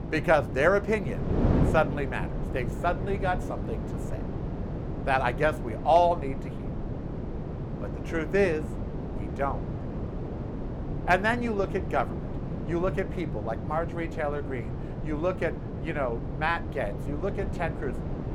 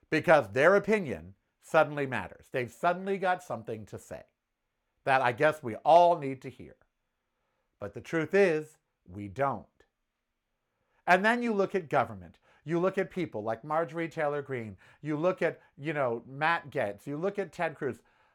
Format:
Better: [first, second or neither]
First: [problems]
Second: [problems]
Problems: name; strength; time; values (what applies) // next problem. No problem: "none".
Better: second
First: wind noise on the microphone; occasional gusts; 10 dB below the speech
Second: none